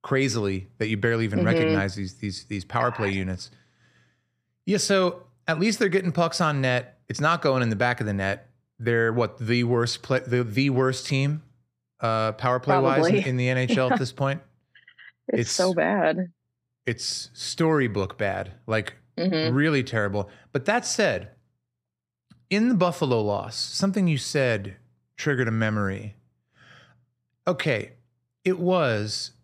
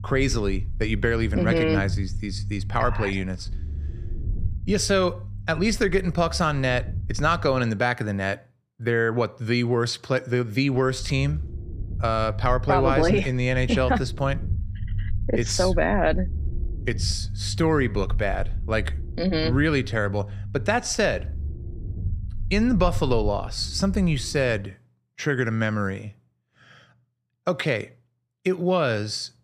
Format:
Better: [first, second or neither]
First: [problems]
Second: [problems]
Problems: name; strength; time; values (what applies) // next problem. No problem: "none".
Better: first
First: none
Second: low rumble; faint; until 7.5 s and from 11 to 25 s; 25 dB below the speech